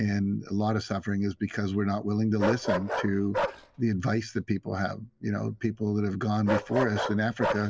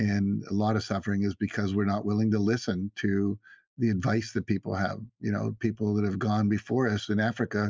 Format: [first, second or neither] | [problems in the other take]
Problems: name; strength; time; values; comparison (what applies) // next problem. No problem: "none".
second | background sound (Bark); 7 dB below the speech